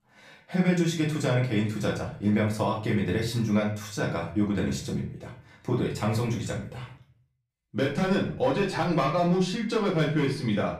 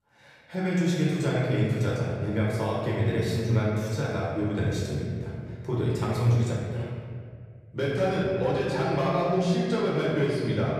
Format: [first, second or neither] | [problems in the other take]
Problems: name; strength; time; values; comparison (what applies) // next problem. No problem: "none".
first | room echo; strong; dies away in 2.1 s; slight in the first // off-mic speech; far; far in the first